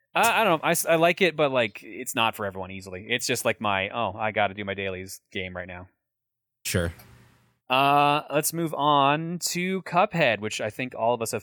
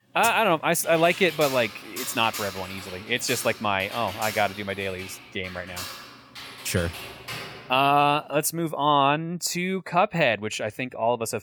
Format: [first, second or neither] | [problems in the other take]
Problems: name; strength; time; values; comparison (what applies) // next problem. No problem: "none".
first | keyboard typing; noticeable; from 1 to 8 s; peak 8 dB below the speech